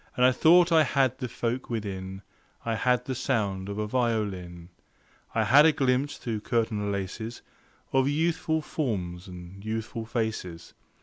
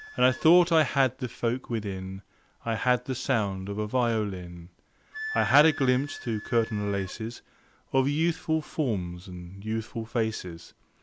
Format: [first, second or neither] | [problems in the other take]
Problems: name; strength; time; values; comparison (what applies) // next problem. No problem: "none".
first | background sound (Wind instrument, woodwind instrument); 18 dB below the speech